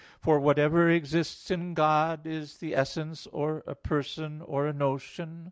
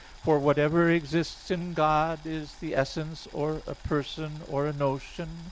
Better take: first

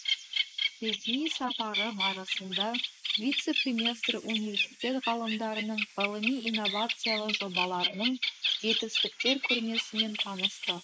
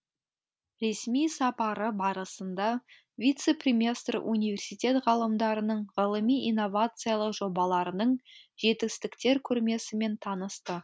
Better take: second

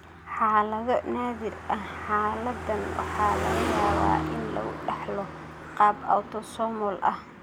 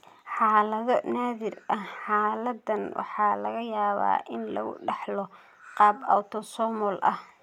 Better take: second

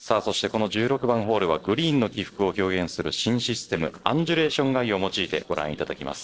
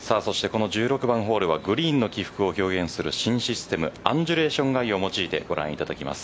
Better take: second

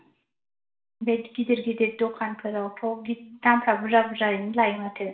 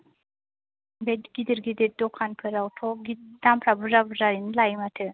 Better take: second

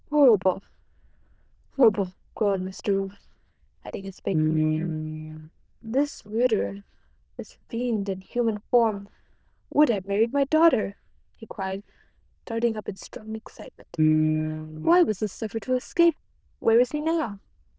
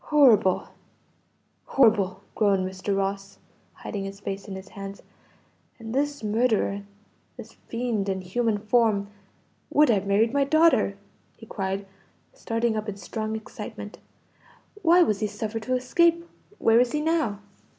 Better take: second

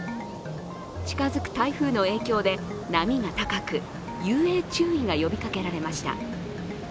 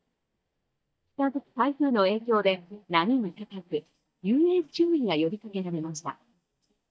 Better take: first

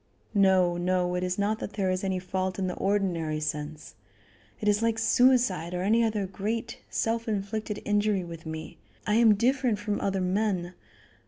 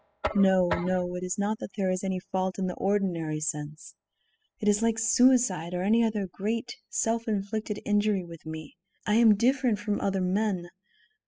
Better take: first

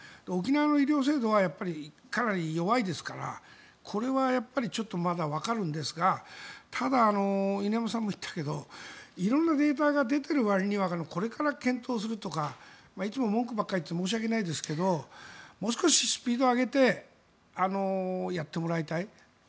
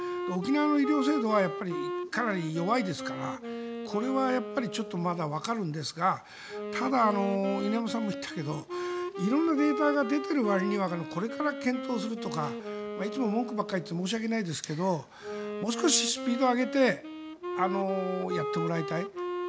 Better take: first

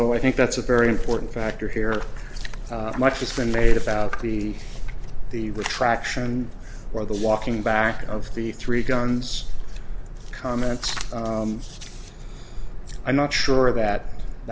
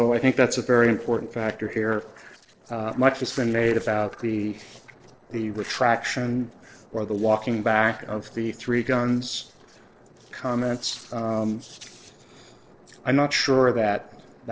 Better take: first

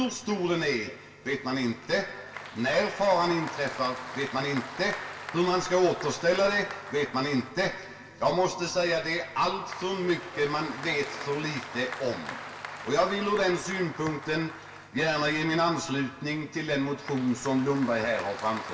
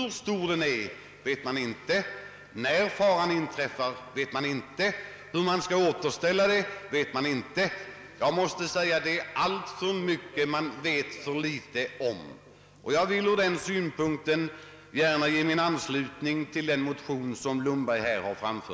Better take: second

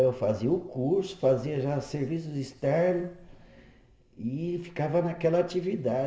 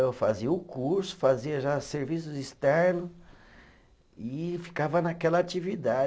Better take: second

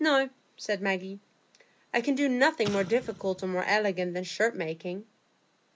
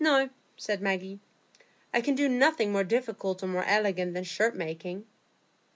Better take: second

